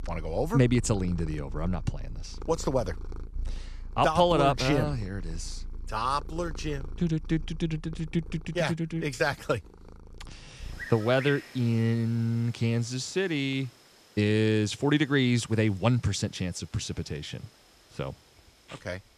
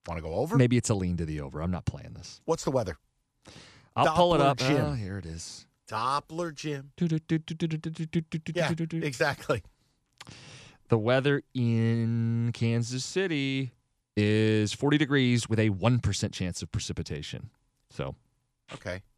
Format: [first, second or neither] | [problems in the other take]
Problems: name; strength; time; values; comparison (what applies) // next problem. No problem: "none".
second | animal sounds; noticeable; throughout; 15 dB below the speech